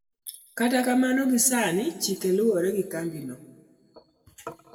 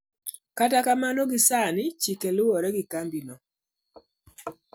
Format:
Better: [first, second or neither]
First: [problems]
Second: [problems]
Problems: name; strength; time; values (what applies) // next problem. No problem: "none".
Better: second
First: room echo; dies away in 1.3 s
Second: none